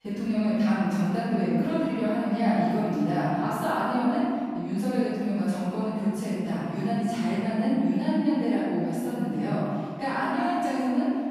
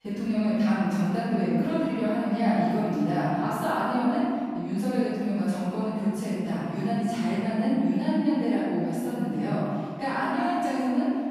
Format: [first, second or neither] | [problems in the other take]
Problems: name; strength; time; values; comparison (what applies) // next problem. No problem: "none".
neither | room echo; strong; dies away in 1.9 s; the same in both // off-mic speech; far; the same in both